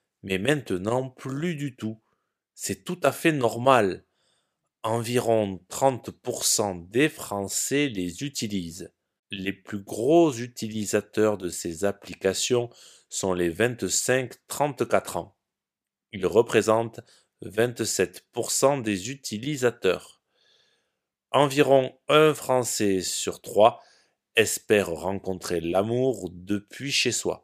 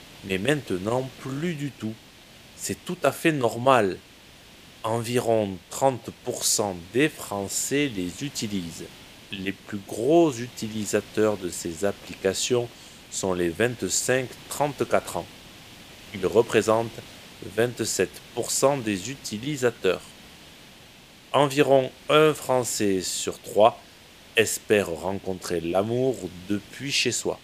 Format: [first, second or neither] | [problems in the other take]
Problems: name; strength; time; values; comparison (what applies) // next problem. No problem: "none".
first | hiss; faint; throughout; 20 dB below the speech